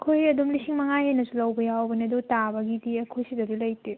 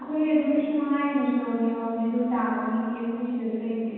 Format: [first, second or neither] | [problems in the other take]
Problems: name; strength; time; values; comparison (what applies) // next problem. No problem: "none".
first | room echo; dies away in 2.1 s